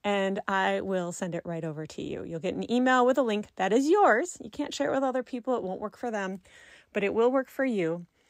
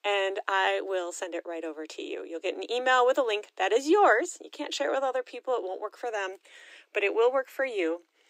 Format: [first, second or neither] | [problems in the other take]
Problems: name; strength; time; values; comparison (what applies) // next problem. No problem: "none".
first | thin; very; fading below 300 Hz